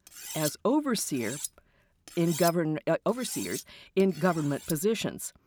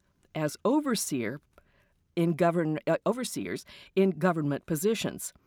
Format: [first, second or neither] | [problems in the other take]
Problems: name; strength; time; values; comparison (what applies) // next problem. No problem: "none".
second | clattering dishes; noticeable; until 4.5 s; peak 5 dB below the speech